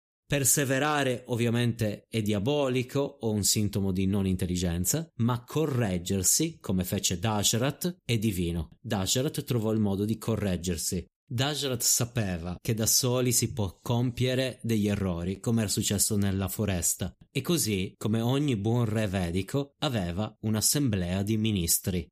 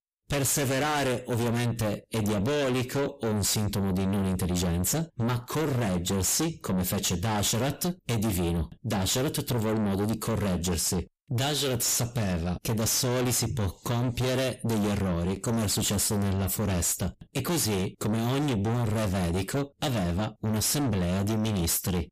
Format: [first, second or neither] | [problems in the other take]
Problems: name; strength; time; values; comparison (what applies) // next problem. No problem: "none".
first | distortion; heavy; 5 dB below the speech